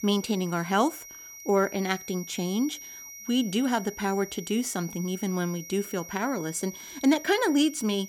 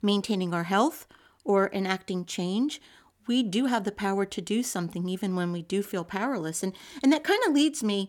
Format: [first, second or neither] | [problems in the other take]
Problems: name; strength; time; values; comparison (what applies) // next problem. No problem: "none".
second | high-pitched whine; noticeable; throughout; 5.5 kHz, 15 dB below the speech